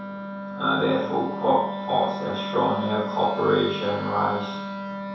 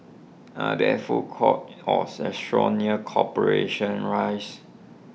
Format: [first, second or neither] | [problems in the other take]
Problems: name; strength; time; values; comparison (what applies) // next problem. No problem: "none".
second | background sound (Wind instrument, woodwind instrument); 7 dB below the speech // room echo; dies away in 0.7 s